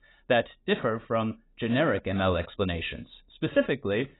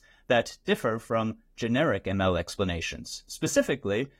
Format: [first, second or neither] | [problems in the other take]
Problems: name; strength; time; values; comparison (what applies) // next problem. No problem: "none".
second | garbled, watery; badly; nothing above 4 kHz; slightly in the second